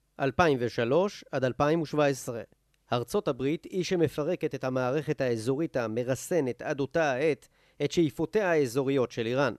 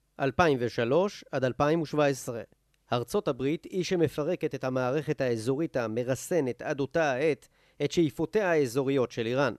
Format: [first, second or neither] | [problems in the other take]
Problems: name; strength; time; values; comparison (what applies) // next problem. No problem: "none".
neither | none